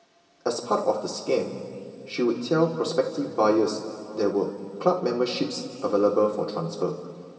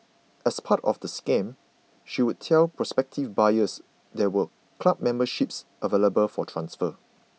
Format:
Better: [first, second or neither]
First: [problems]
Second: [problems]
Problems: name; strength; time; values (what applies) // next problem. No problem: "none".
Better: second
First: room echo; dies away in 2.4 s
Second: none